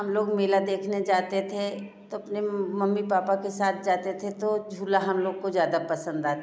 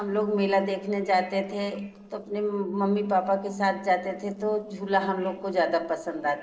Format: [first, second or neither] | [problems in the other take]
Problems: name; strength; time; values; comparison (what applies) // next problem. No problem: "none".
first | noise reduction (neural separator model SepFormer DNS4)